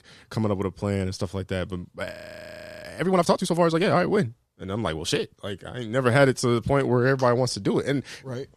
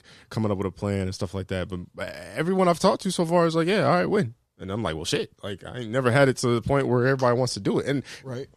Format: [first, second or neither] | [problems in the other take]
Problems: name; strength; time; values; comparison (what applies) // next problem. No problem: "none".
second | audio freezing; at 2 s for 0.5 s